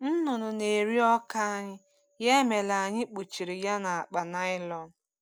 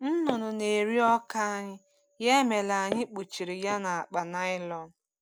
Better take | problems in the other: first | background sound (Walk, footsteps); 15 dB below the speech

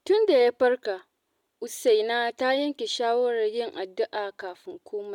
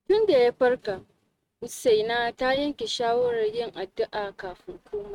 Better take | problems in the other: first | noise reduction (neural mask model RNNoise)

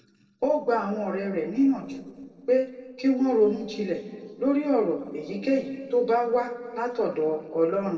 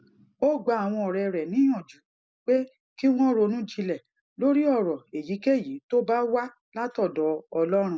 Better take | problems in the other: second | noise reduction (neural separator model SepFormer DNS4)

